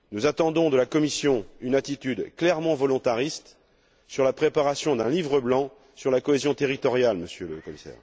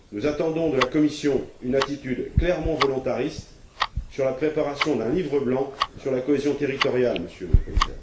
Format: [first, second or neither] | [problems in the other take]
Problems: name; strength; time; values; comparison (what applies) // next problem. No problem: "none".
first | background sound (Tick-tock); 4 dB below the speech // room echo; dies away in 0.5 s